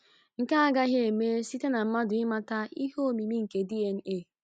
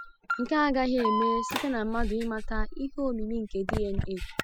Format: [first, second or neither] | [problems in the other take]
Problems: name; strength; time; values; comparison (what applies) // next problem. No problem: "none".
first | noise reduction (classical method spectral subtraction)